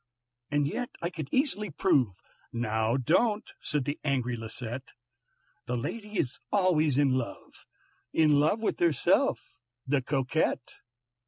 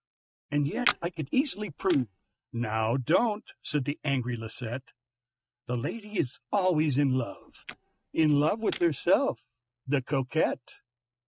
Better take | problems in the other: first | noise reduction (neural mask model RNNoise)

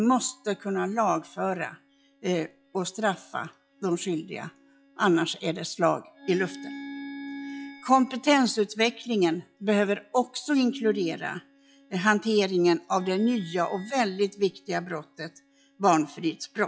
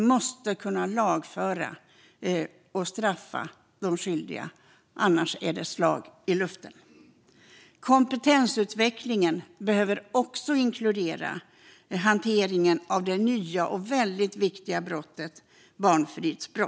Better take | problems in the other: second | noise reduction (classical method log-MMSE)

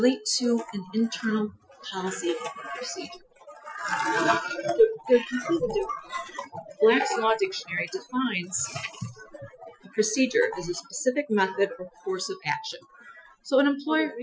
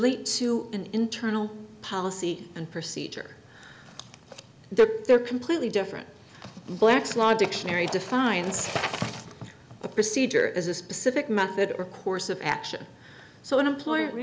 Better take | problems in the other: second | noise reduction (classical method Wiener filter)

